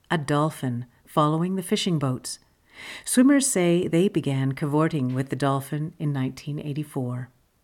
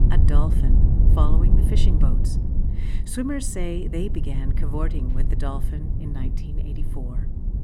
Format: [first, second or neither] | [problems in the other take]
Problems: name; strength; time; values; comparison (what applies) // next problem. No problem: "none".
first | low rumble; loud; throughout; 4 dB below the speech